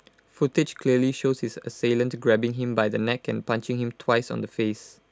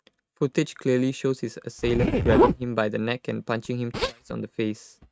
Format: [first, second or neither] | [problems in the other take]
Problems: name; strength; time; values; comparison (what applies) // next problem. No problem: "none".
first | noise reduction (neural mask model RNNoise)